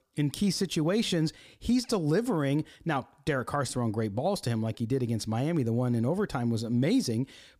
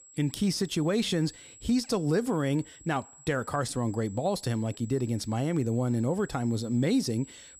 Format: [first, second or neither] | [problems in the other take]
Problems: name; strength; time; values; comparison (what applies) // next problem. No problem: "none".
first | high-pitched whine; faint; throughout; 7.5 kHz, 20 dB below the speech